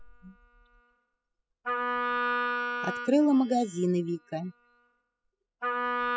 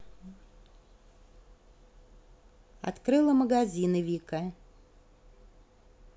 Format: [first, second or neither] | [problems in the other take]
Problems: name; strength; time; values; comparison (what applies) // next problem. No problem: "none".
second | noise reduction (classical method spectral subtraction)